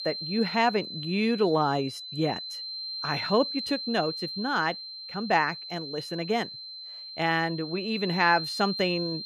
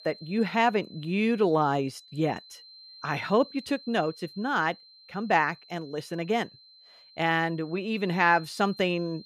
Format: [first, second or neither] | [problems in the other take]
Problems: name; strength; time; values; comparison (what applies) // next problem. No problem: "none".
second | high-pitched whine; loud; throughout; 4 kHz, 7 dB below the speech; faint in the second